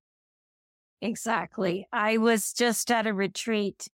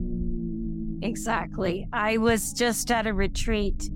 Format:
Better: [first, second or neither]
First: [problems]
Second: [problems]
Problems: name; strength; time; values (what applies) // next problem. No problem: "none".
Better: first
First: none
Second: low rumble; noticeable; throughout; 15 dB below the speech